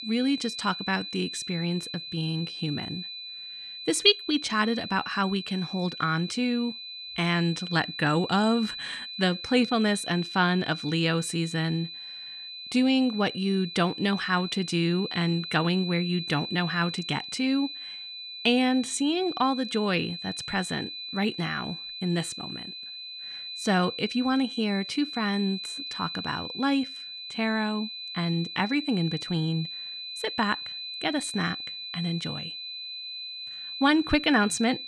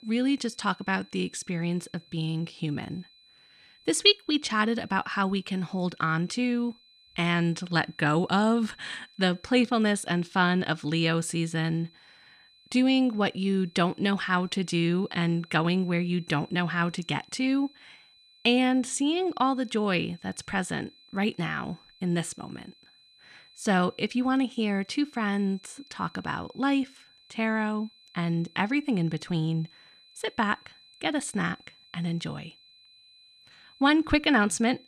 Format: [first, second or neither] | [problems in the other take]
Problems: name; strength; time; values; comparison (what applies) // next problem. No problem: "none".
second | high-pitched whine; loud; throughout; 4 kHz, 8 dB below the speech; faint in the second